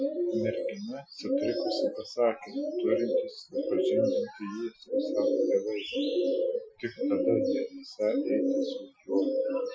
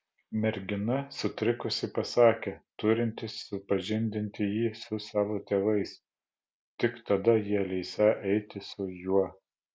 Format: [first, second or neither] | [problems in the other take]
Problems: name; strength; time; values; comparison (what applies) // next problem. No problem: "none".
second | noise reduction (classical method Wiener filter)